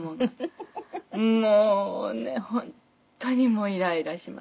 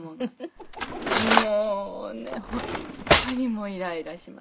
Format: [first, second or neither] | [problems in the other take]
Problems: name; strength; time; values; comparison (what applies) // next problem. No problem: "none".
first | background sound (Cutlery, silverware); 3 dB above the speech